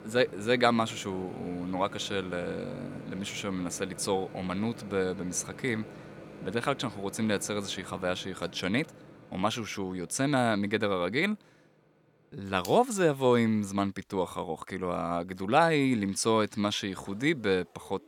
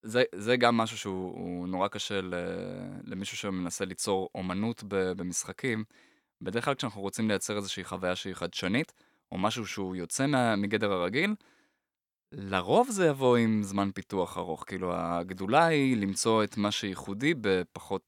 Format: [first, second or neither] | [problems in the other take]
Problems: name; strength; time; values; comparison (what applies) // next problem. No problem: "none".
second | household noises; noticeable; throughout; 20 dB below the speech